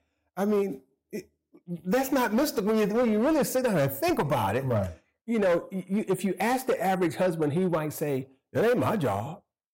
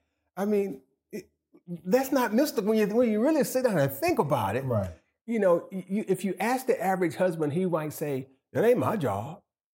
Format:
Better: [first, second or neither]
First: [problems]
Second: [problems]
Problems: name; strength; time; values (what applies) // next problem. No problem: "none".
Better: second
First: distortion; slight; 9% of the sound clipped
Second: none